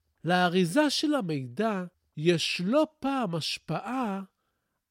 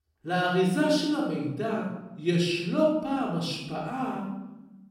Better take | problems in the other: first | room echo; noticeable; dies away in 0.9 s // off-mic speech; far

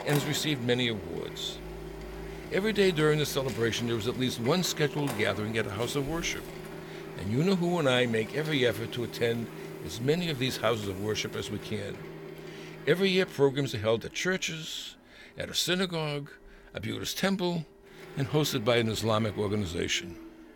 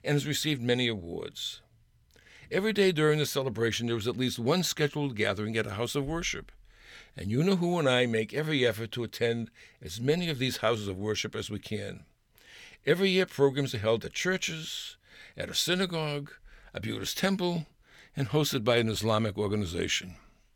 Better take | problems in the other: second | household noises; noticeable; throughout; 10 dB below the speech

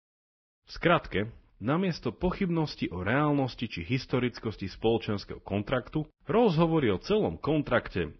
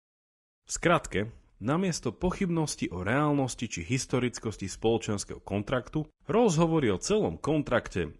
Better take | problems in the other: second | garbled, watery; badly; nothing above 5.5 kHz; slightly in the second

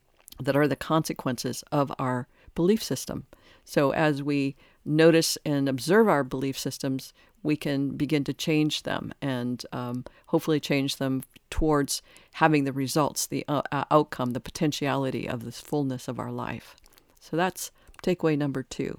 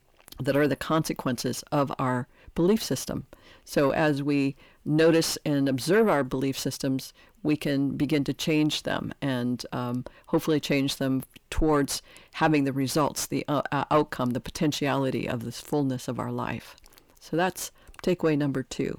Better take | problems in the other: first | distortion; slight; 10 dB below the speech

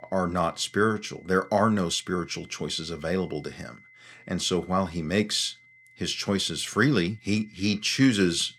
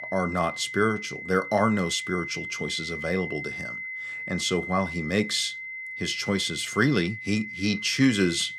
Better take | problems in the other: first | high-pitched whine; loud; throughout; 2 kHz, 7 dB below the speech; faint in the first

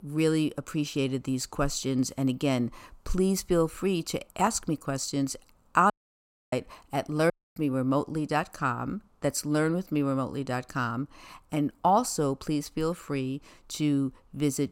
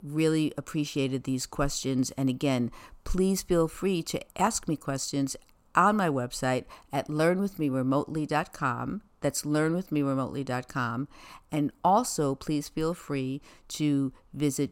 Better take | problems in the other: second | audio cutting out; at 6 s for 0.5 s and at 7.5 s

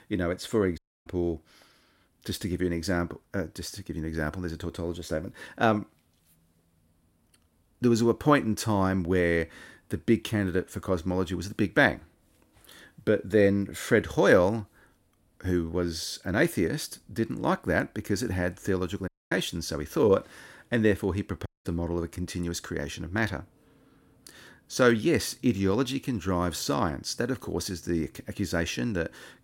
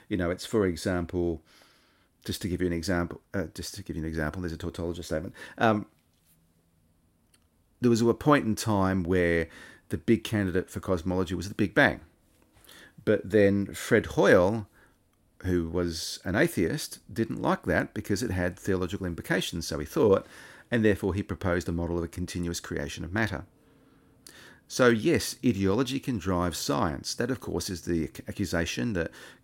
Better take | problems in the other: second | audio cutting out; at 1 s, at 19 s and at 21 s

